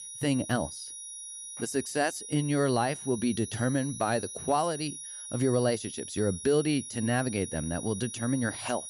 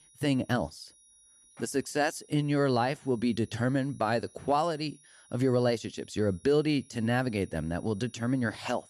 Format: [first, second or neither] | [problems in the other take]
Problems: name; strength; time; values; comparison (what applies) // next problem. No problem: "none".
second | high-pitched whine; loud; throughout; 10.5 kHz, 9 dB below the speech; faint in the second